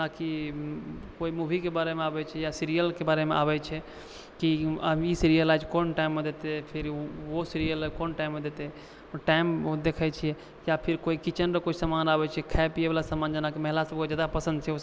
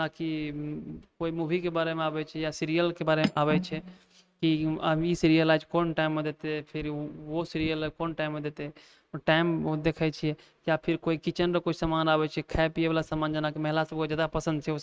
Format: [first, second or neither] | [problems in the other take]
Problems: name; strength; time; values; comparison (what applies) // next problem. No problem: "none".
first | noise reduction (neural mask model RNNoise)